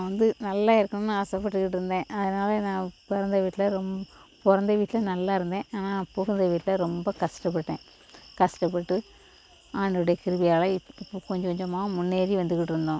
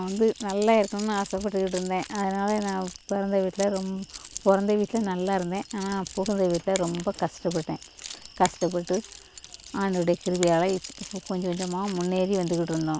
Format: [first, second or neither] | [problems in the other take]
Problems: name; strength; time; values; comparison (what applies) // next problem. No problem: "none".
first | background sound (Finger snapping + Keys jangling); 16 dB below the speech